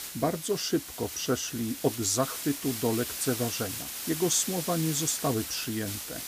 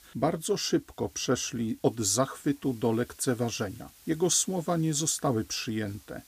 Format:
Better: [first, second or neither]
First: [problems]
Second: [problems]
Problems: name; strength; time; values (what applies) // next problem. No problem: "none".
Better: second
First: hiss; loud; throughout; 5 dB below the speech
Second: hiss; faint; throughout; 25 dB below the speech